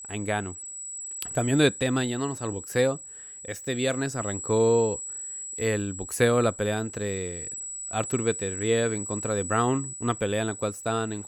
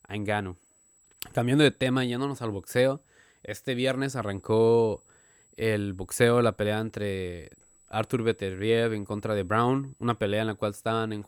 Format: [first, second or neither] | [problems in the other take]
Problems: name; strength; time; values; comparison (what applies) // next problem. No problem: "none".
second | high-pitched whine; loud; throughout; 8 kHz, 8 dB below the speech; faint in the second